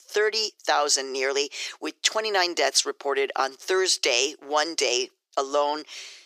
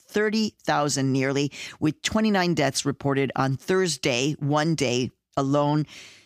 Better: second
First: thin; very; fading below 400 Hz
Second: none

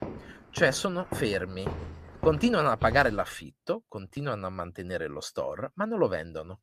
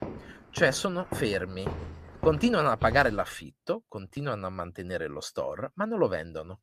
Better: neither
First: footsteps; noticeable; until 3 s; peak 8 dB below the speech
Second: footsteps; noticeable; until 3 s; peak 8 dB below the speech

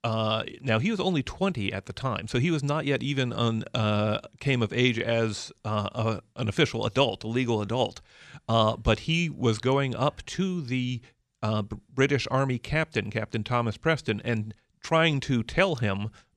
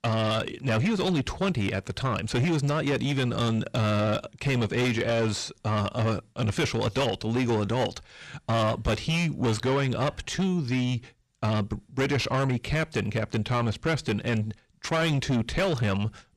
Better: first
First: none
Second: distortion; heavy; 7 dB below the speech

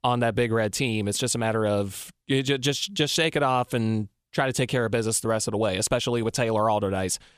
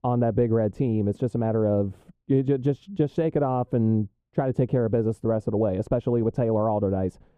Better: first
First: none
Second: muffled; very; fading above 1.5 kHz

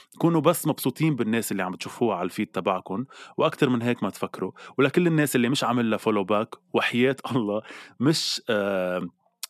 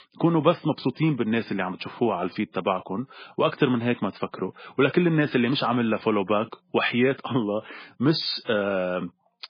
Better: first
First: none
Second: garbled, watery; badly; nothing above 4.5 kHz

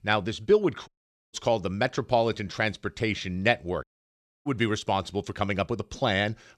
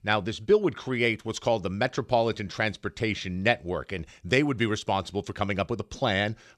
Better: second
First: audio cutting out; at 1 s and at 4 s for 0.5 s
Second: none

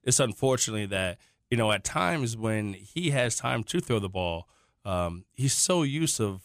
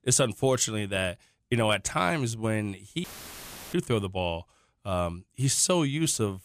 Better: first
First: none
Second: audio cutting out; filled with static; at 3 s for 0.5 s

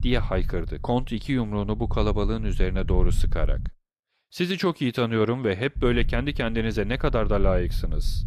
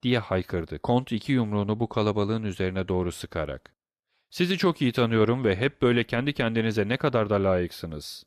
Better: second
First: low rumble; faint; until 3.5 s and from 6 s on; 20 dB below the speech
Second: none

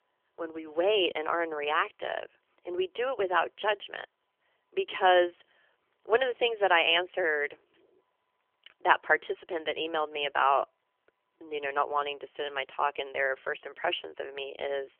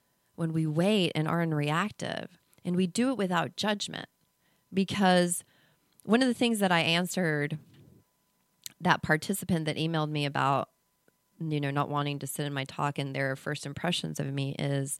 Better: second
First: phone-call audio; nothing above 3 kHz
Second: none

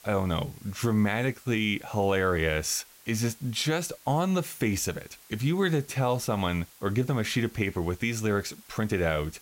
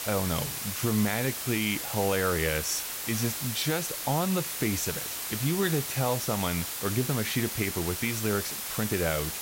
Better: first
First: hiss; faint; throughout; 25 dB below the speech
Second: hiss; loud; throughout; 2 dB below the speech

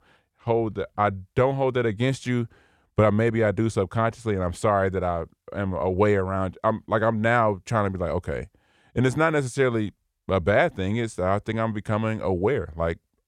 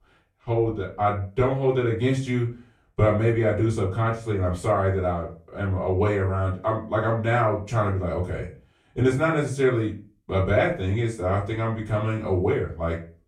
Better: first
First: none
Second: off-mic speech; far // room echo; slight; dies away in 0.3 s

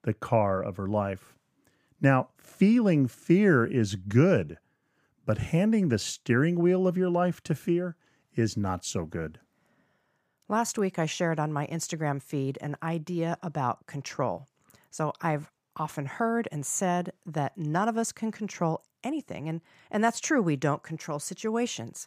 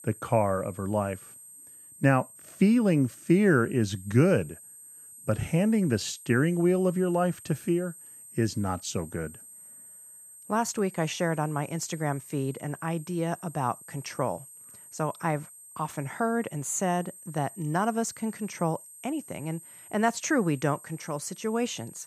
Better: first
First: none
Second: high-pitched whine; noticeable; throughout; 8.5 kHz, 15 dB below the speech

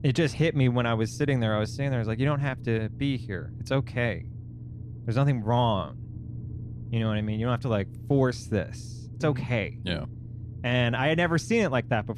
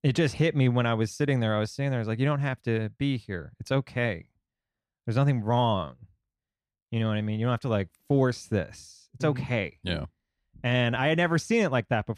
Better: second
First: low rumble; faint; throughout; 20 dB below the speech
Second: none

